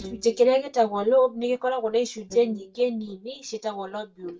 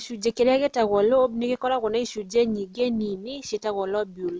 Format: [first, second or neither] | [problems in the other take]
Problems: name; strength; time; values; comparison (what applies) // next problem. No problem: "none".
second | noise reduction (neural mask model DeepFilterNet 3)